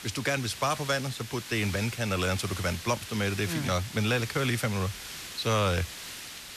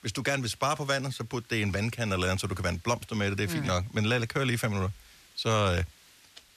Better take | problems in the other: second | hiss; loud; throughout; 10 dB below the speech; faint in the second

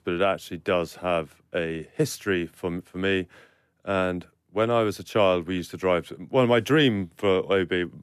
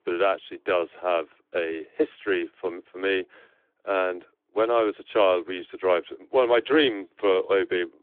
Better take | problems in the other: first | phone-call audio; nothing above 3.5 kHz

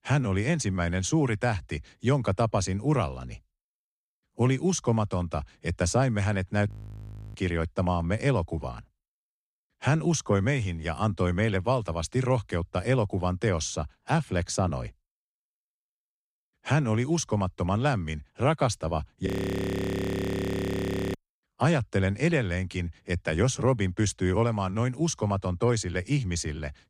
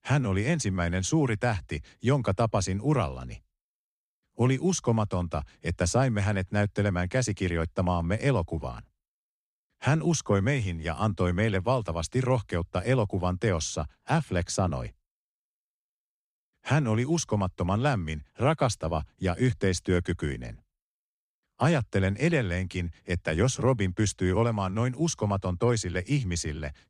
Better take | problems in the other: second | audio freezing; at 6.5 s for 0.5 s and at 19 s for 2 s

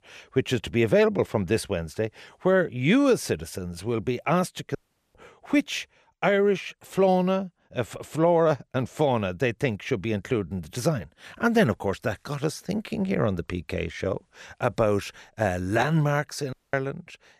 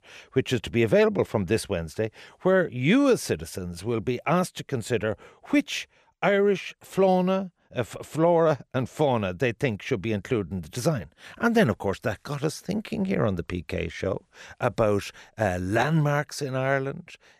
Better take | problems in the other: second | audio cutting out; at 5 s and at 17 s

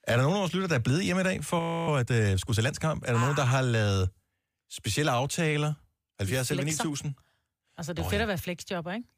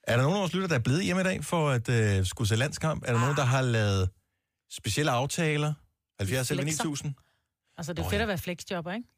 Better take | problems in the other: second | audio freezing; at 1.5 s

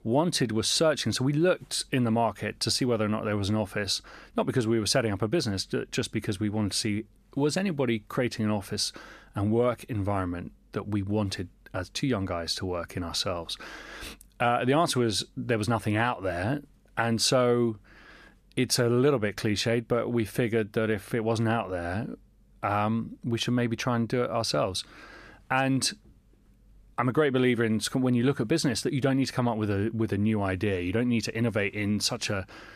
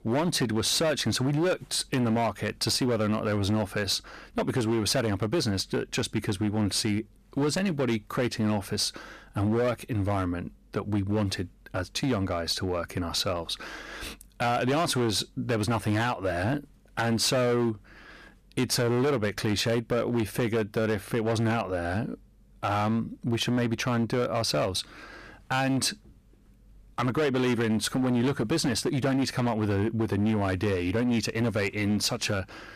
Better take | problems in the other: first | distortion; slight; 14% of the sound clipped

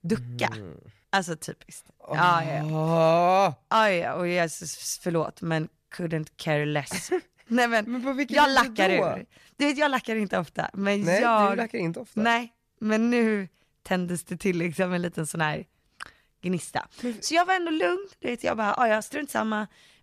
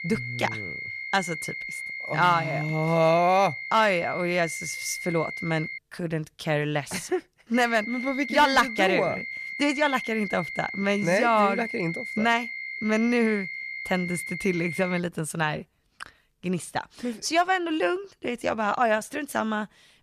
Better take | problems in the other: first | high-pitched whine; loud; until 6 s and from 7.5 to 15 s; 2 kHz, 7 dB below the speech

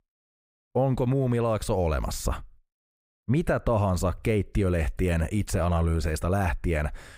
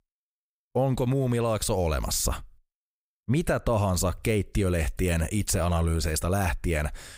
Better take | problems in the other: second | muffled; slightly; fading above 3 kHz

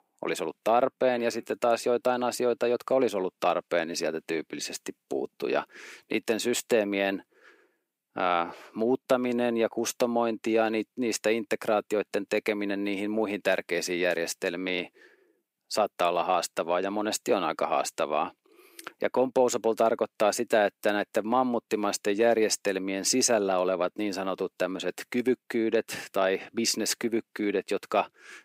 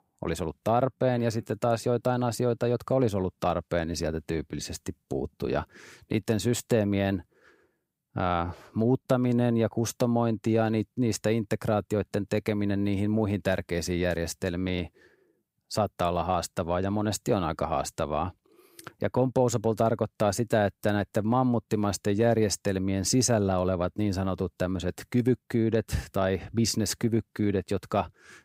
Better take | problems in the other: second | thin; somewhat; fading below 300 Hz

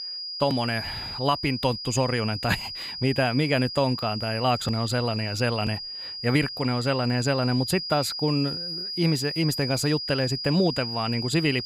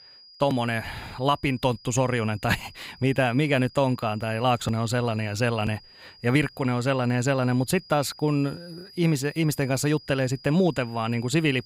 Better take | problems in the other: second | high-pitched whine; loud; throughout; 5 kHz, 6 dB below the speech; faint in the second

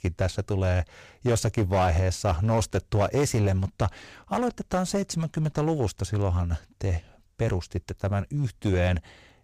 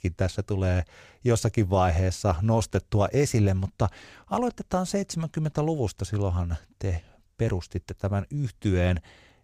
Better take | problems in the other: second | distortion; slight; 8% of the sound clipped

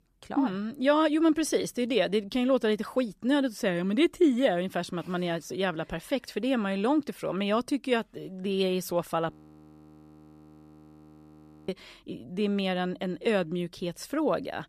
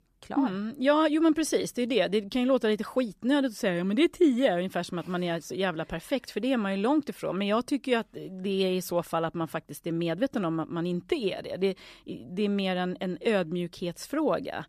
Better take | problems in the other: second | audio freezing; at 9.5 s for 2.5 s

